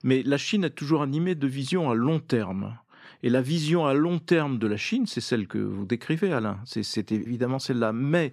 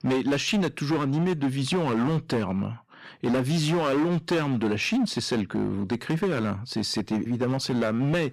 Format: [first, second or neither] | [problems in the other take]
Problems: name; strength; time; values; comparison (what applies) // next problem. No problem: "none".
first | distortion; heavy; 17% of the sound clipped